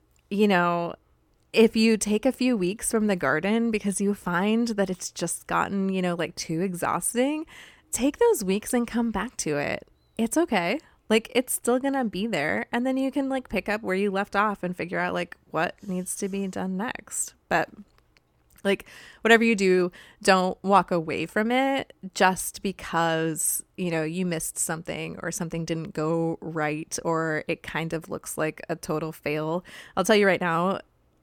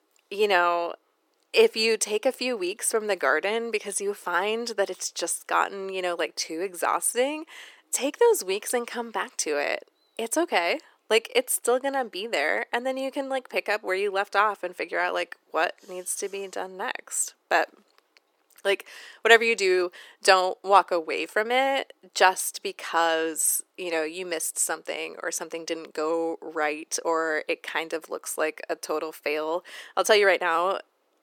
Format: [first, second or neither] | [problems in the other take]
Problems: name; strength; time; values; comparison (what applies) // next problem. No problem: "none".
first | thin; very; fading below 350 Hz